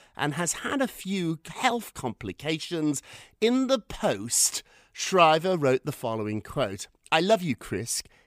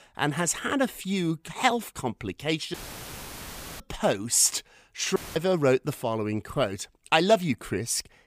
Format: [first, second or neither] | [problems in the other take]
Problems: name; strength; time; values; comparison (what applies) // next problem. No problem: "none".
first | audio cutting out; filled with static; at 2.5 s for 1 s and at 5 s